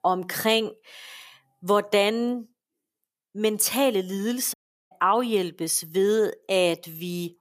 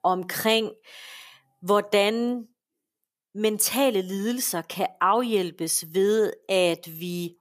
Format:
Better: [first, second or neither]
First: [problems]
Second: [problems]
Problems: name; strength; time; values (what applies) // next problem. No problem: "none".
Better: second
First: audio cutting out; at 4.5 s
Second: none